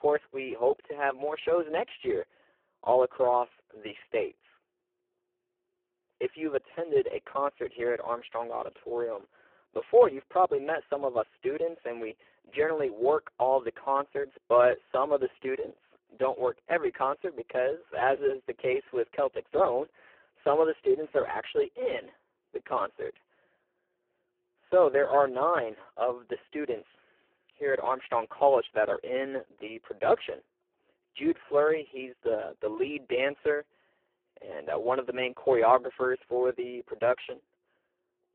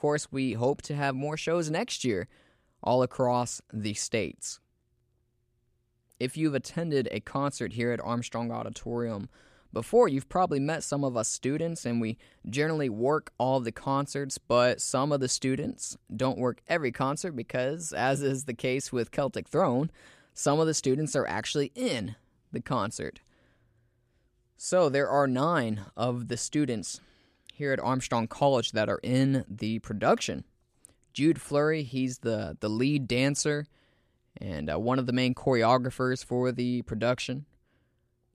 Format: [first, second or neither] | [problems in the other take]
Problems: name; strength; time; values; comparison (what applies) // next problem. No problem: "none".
second | phone-call audio; poor line